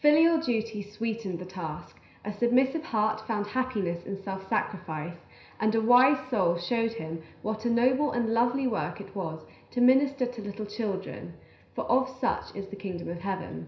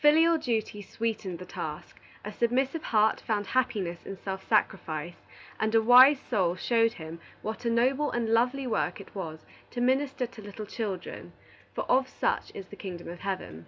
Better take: second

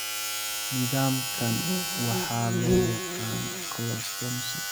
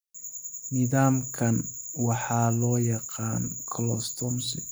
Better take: second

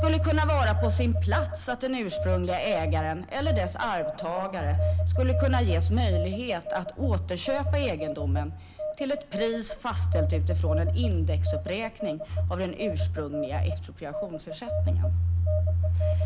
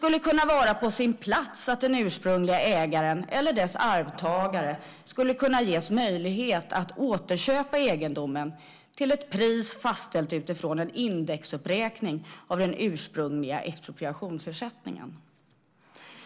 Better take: second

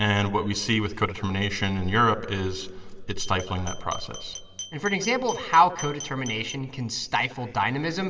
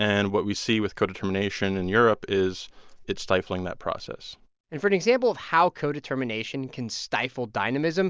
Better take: second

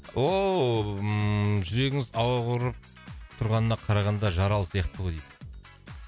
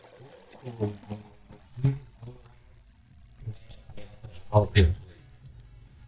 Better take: first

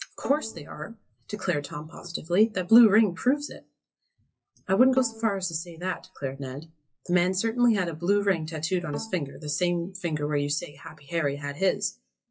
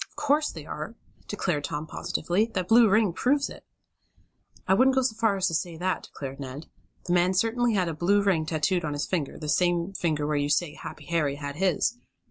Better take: second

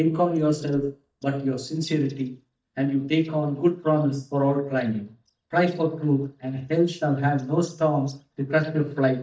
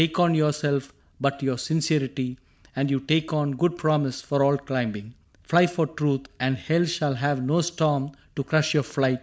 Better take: second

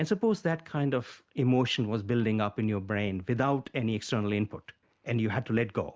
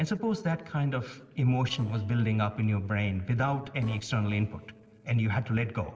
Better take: first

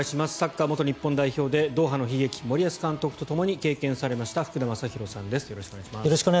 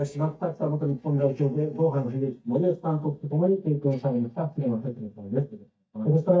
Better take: first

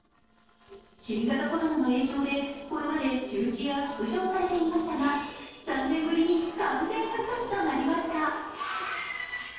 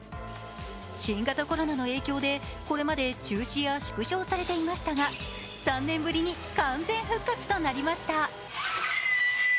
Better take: second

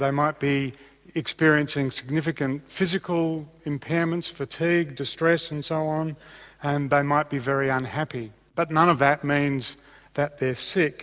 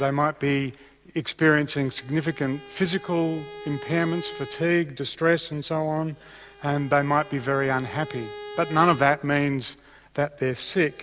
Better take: first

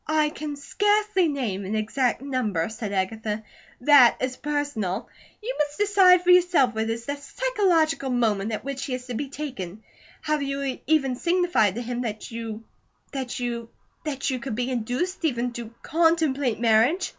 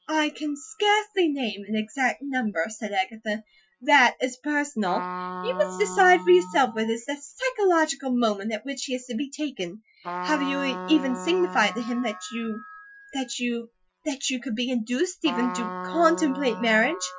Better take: first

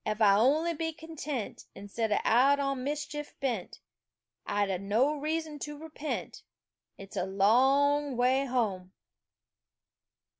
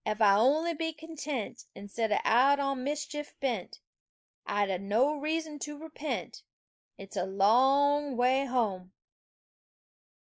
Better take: first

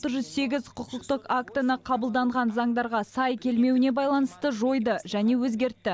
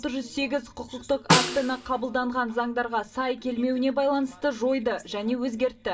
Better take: first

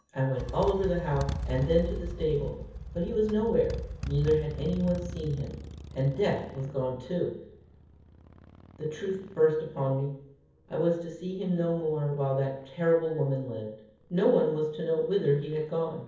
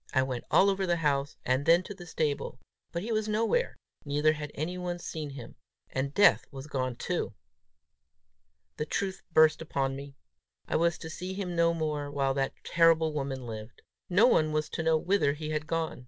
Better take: second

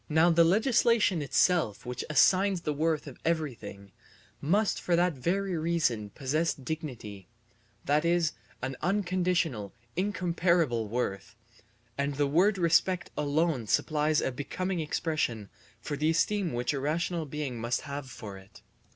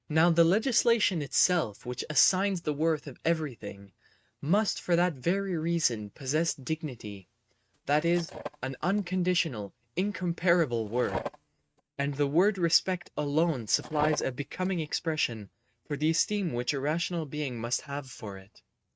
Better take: first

